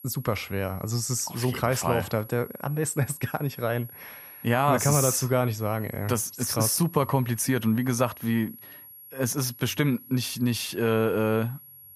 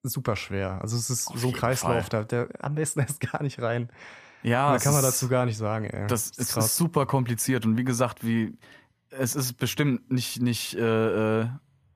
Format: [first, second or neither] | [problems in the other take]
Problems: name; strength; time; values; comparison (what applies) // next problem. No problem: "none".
second | high-pitched whine; noticeable; throughout; 11.5 kHz, 20 dB below the speech